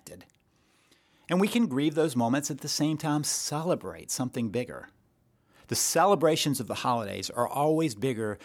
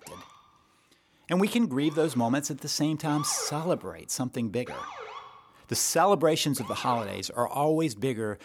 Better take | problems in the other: first | siren; noticeable; until 7 s; peak 9 dB below the speech

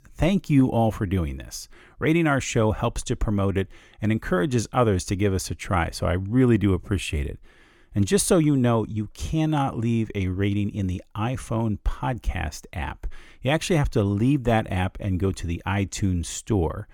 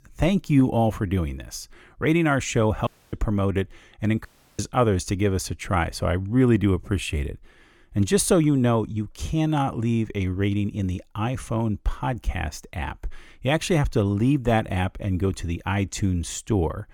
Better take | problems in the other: first | audio cutting out; at 3 s and at 4.5 s

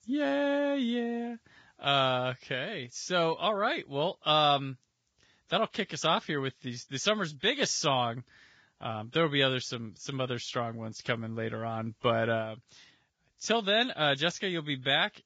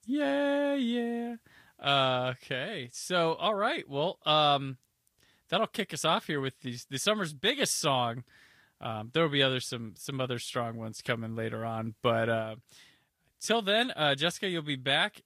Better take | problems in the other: second | garbled, watery; badly; slightly in the second

